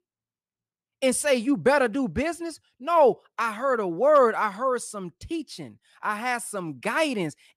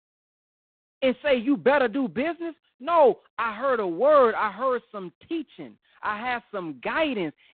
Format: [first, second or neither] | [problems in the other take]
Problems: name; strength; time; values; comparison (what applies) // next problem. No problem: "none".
first | phone-call audio; poor line; nothing above 4 kHz